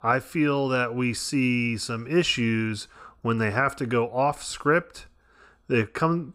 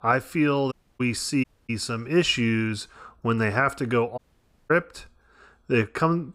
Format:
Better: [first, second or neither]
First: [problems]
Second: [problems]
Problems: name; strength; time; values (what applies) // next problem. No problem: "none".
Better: first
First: none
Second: audio cutting out; at 0.5 s, at 1.5 s and at 4 s for 0.5 s